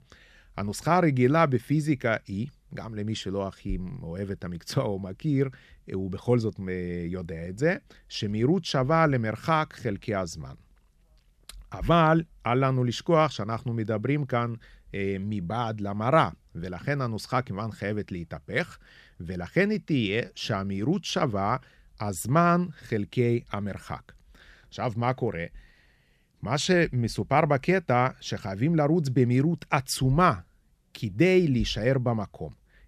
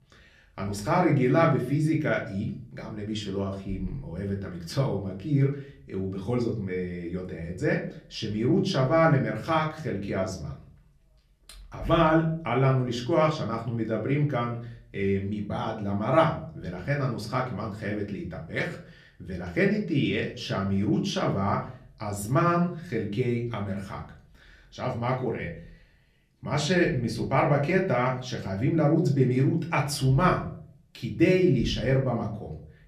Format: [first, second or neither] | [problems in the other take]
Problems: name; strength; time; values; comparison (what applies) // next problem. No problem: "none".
first | off-mic speech; far // room echo; very slight; dies away in 0.4 s